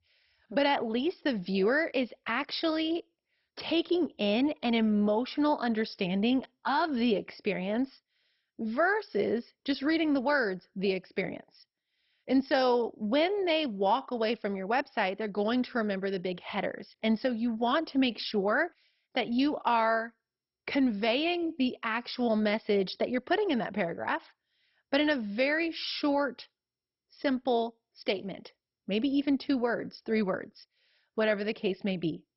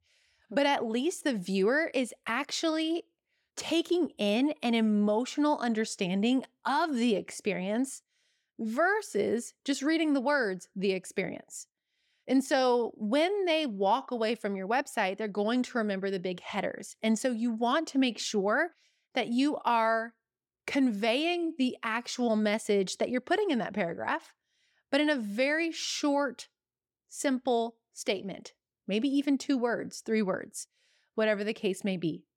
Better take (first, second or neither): second